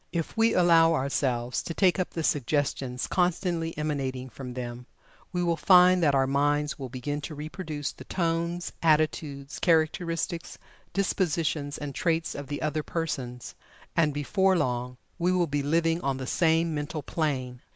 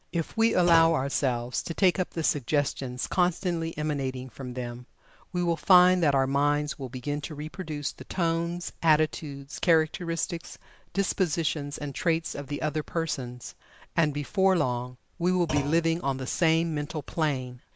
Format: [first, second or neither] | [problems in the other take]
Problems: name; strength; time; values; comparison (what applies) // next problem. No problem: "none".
first | background sound (Thump, thud); 12 dB below the speech